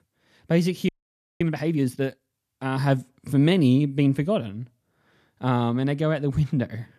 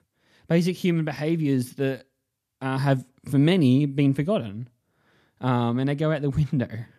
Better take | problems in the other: second | audio freezing; at 1 s for 0.5 s

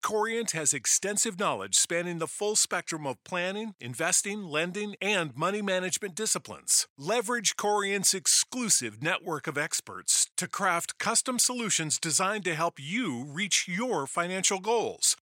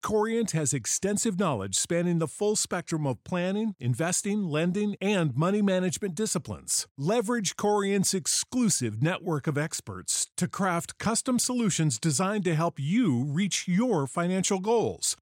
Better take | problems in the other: second | thin; somewhat; fading below 850 Hz

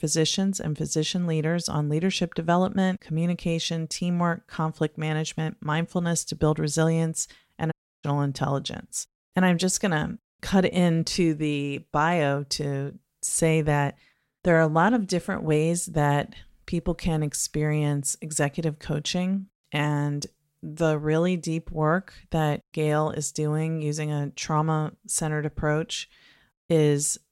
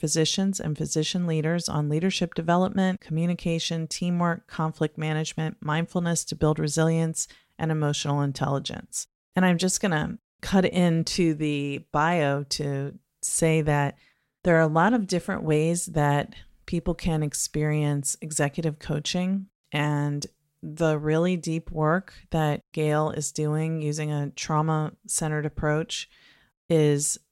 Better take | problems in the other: second | audio cutting out; at 7.5 s

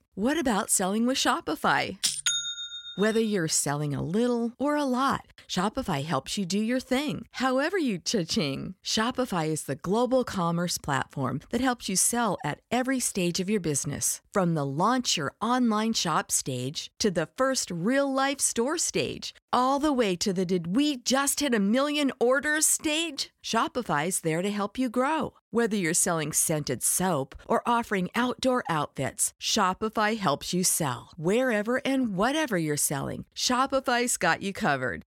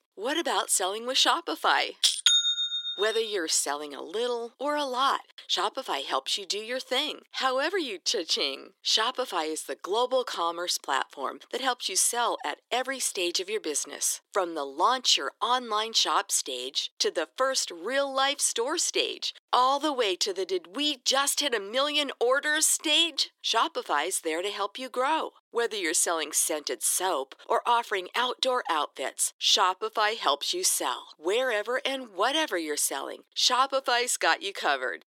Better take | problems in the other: first | thin; very; fading below 350 Hz

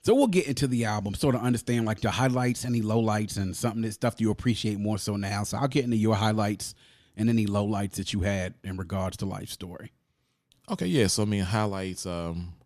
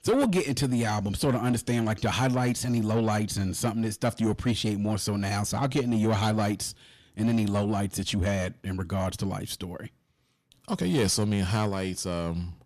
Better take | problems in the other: first | distortion; slight; 10 dB below the speech

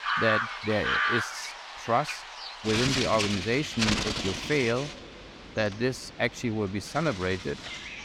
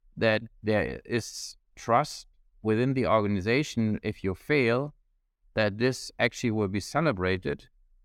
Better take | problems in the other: second | animal sounds; loud; throughout; 1 dB below the speech

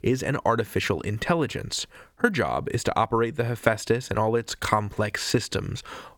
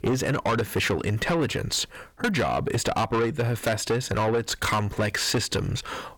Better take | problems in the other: first | distortion; heavy; 6 dB below the speech

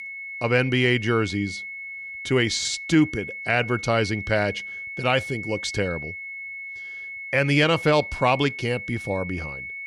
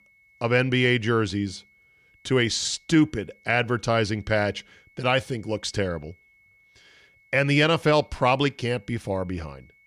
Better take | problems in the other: second | high-pitched whine; loud; throughout; 2 kHz, 10 dB below the speech; faint in the second

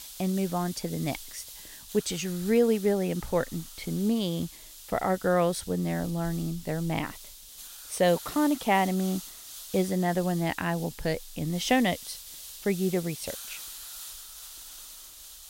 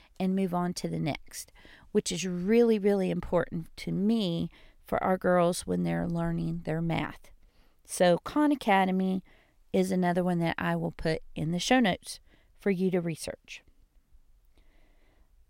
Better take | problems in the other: second | hiss; noticeable; throughout; 15 dB below the speech

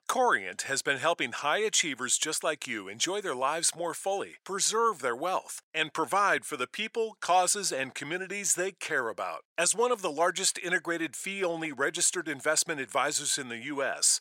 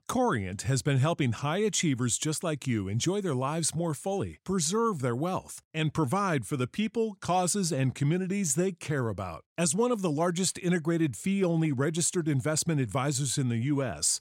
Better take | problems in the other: second | thin; very; fading below 600 Hz

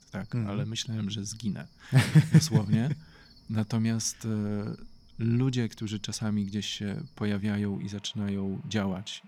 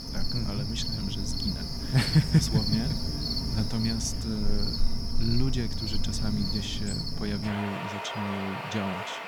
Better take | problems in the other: first | animal sounds; loud; throughout; 1 dB below the speech; faint in the first

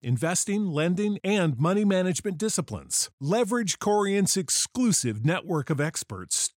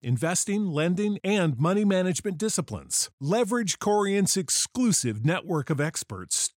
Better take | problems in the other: neither | none

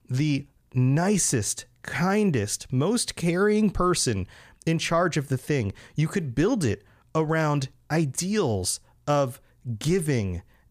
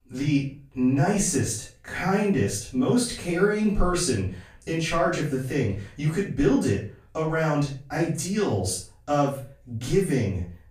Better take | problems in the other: first | off-mic speech; far // room echo; noticeable; dies away in 0.3 s

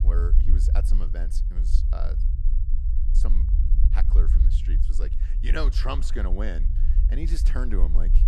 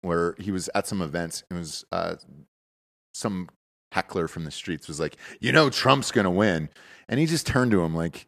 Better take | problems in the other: second | low rumble; loud; throughout; 8 dB below the speech

